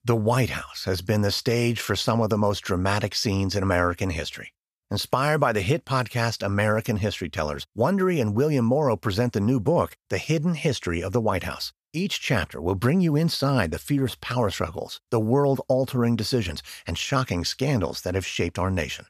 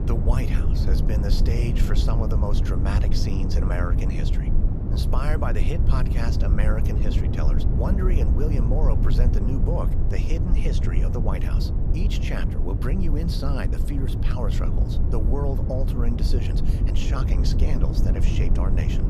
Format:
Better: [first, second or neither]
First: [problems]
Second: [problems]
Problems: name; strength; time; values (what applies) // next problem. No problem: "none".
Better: first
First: none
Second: low rumble; loud; throughout; 3 dB below the speech